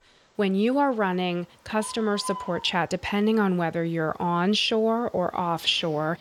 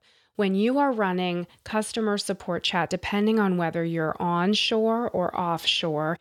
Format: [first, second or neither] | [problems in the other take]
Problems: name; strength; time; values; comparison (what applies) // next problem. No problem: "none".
second | animal sounds; noticeable; throughout; 15 dB below the speech